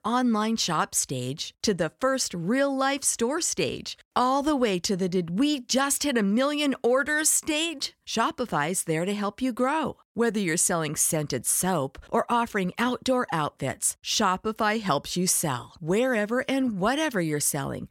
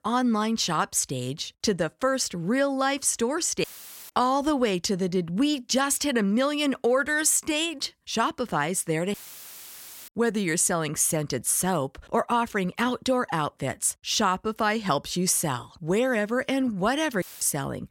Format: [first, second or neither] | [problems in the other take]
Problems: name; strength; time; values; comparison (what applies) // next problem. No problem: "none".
first | audio cutting out; filled with static; at 3.5 s, at 9 s for 1 s and at 17 s